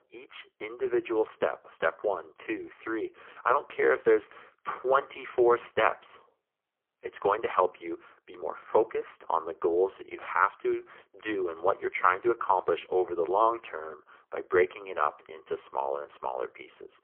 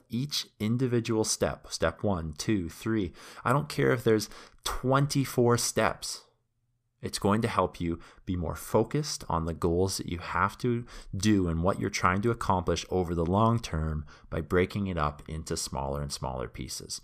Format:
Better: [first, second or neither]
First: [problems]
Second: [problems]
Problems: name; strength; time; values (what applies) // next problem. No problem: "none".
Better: second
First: phone-call audio; poor line; nothing above 3.5 kHz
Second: none